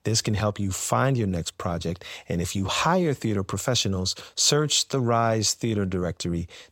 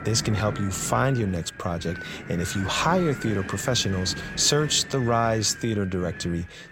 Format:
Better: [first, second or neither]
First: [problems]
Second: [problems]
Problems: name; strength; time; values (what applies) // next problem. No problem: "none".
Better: first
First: none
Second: wind noise on the microphone; heavy; 10 dB below the speech